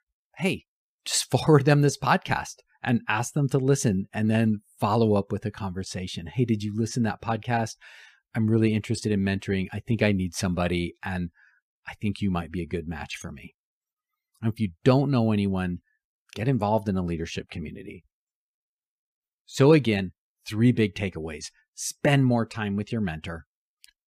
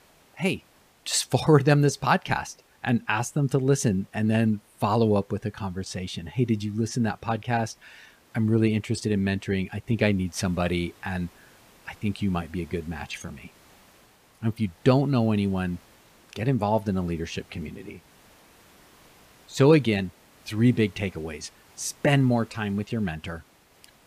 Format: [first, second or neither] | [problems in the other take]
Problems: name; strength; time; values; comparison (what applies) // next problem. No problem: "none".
first | hiss; faint; throughout; 30 dB below the speech